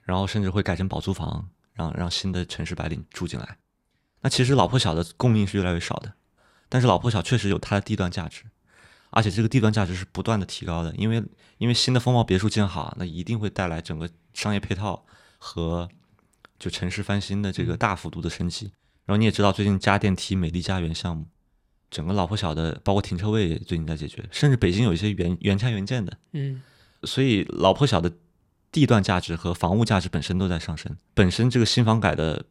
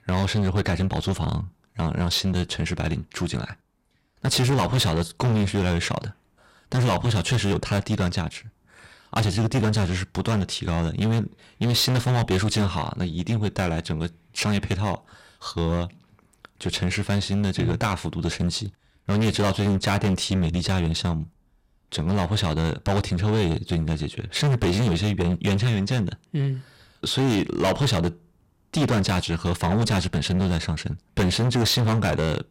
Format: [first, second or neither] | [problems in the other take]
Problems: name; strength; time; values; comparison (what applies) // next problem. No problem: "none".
first | distortion; heavy; 14% of the sound clipped